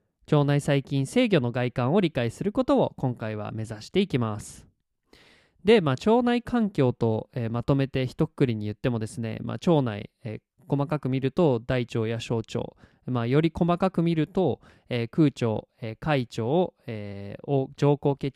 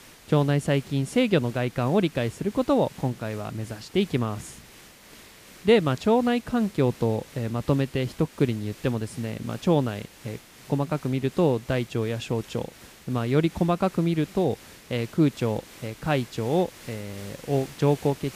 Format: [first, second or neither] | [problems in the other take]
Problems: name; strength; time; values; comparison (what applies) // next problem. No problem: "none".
first | hiss; faint; throughout; 20 dB below the speech